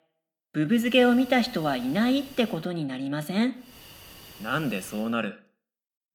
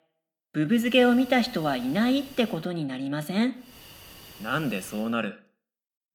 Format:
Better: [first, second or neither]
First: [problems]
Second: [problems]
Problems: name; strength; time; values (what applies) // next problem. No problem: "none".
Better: neither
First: hiss; faint; from 1 to 2.5 s and from 3.5 to 5 s; 20 dB below the speech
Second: hiss; faint; from 1 to 2.5 s and from 3.5 to 5 s; 20 dB below the speech